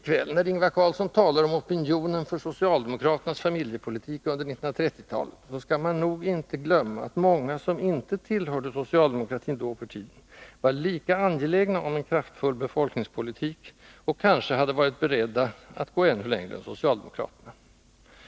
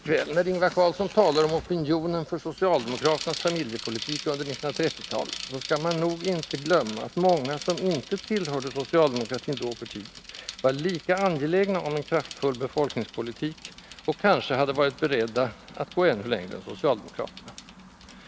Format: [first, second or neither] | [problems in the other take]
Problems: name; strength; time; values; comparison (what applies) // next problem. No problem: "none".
first | background sound (Bicycle); 15 dB below the speech